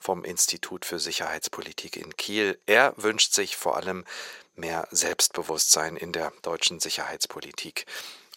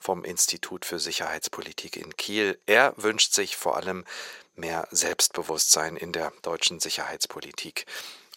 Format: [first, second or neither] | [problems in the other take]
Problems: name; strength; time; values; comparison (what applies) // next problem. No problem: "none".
neither | thin; very; fading below 550 Hz; the same in both